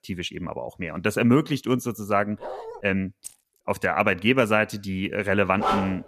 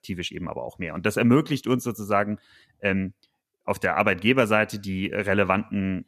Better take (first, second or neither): second